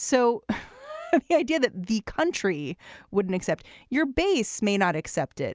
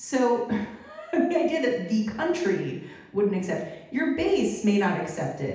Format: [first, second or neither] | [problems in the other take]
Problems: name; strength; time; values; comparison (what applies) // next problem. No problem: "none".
first | room echo; dies away in 0.8 s